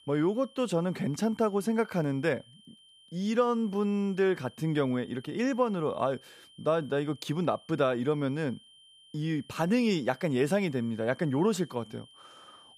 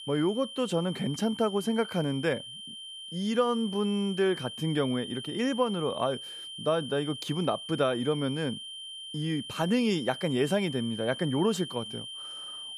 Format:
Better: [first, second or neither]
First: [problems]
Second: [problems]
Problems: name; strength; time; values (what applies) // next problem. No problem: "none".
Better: first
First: high-pitched whine; faint; throughout; 3 kHz, 25 dB below the speech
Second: high-pitched whine; loud; throughout; 3 kHz, 9 dB below the speech